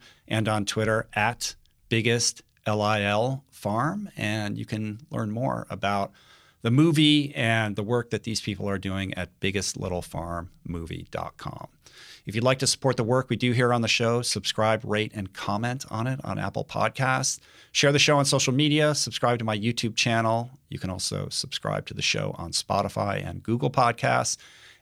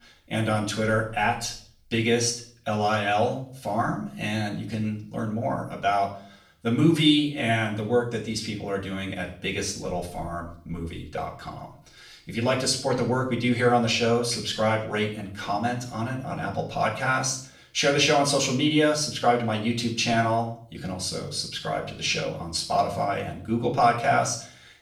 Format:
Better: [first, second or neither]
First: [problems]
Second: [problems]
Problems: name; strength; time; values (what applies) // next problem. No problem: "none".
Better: first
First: none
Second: room echo; slight; dies away in 0.5 s // off-mic speech; far